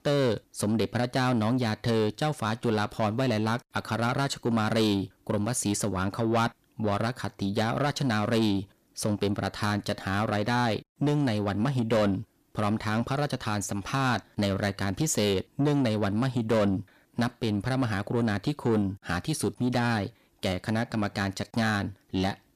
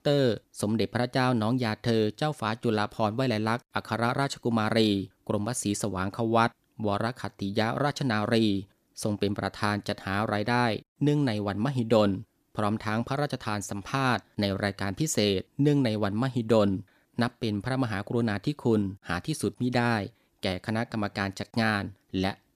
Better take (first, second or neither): second